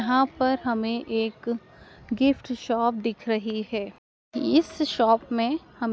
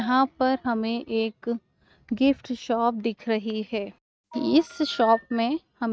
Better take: first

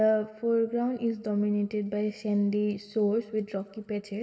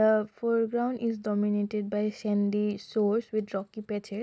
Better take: second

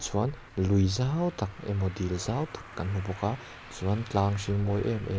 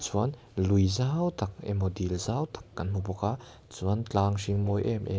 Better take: second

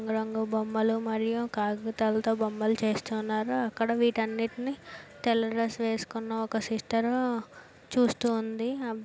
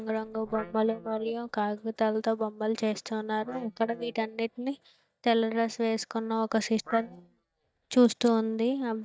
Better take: first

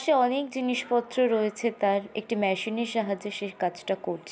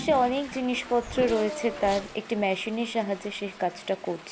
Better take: first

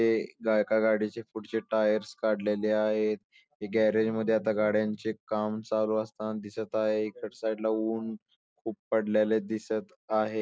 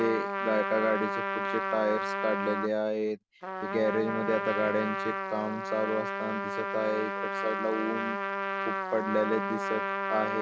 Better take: first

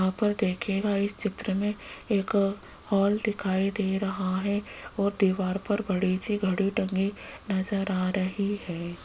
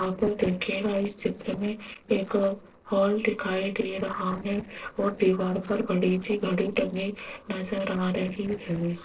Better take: first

